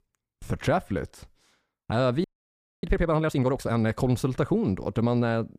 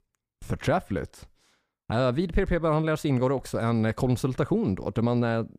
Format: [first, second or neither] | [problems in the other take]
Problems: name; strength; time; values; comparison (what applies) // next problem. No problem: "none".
second | audio freezing; at 2 s for 0.5 s